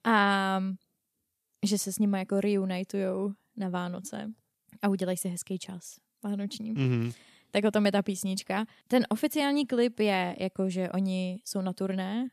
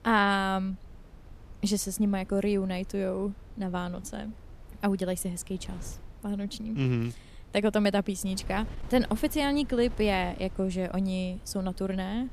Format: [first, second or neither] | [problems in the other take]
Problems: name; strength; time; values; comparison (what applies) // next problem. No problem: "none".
first | wind noise on the microphone; occasional gusts; 25 dB below the speech